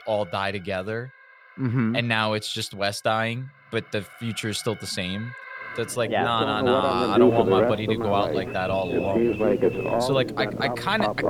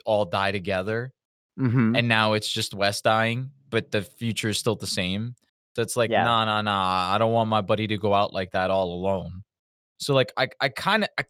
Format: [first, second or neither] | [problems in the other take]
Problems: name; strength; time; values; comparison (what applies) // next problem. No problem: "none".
second | alarms or sirens; very loud; throughout; 1 dB above the speech